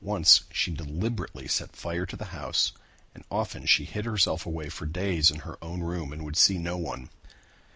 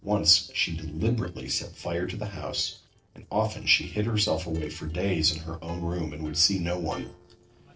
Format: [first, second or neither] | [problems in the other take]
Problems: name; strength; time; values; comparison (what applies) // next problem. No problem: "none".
first | noise reduction (neural separator model SepFormer DNS4)